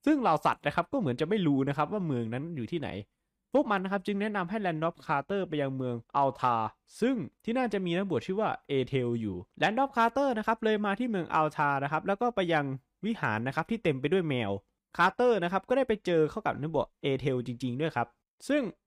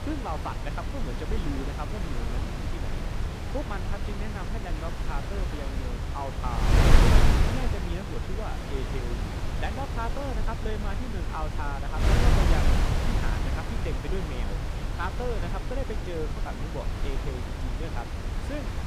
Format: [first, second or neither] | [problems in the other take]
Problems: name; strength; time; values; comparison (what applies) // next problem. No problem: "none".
first | wind noise on the microphone; heavy; 2 dB above the speech